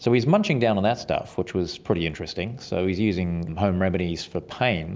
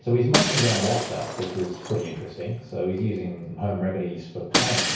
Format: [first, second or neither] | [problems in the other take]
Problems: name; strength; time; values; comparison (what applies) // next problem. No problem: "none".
first | background sound (Shatter); 3 dB below the speech // room echo; dies away in 0.6 s